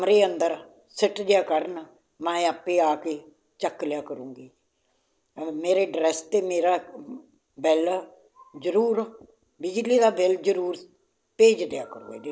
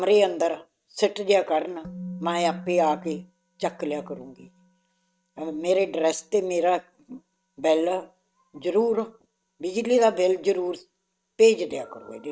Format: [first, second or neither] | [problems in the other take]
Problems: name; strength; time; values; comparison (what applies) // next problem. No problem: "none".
first | noise reduction (neural mask model RNNoise)